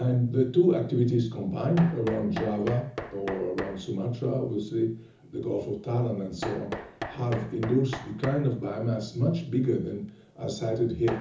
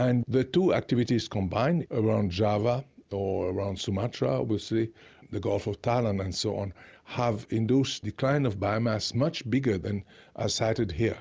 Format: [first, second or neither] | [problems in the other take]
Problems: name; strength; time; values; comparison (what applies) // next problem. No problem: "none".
second | background sound (Knock); 14 dB below the speech // room echo; dies away in 0.6 s